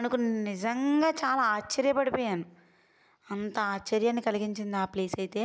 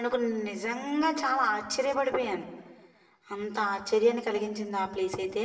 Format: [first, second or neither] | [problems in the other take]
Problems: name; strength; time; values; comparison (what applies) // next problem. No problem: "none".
first | room echo; dies away in 1.3 s